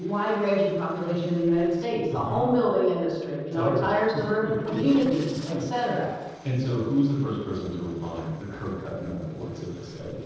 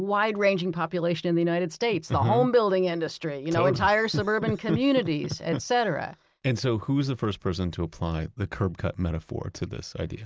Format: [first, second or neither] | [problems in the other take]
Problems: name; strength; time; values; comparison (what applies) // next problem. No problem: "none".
second | noise reduction (neural separator model SepFormer DNS4)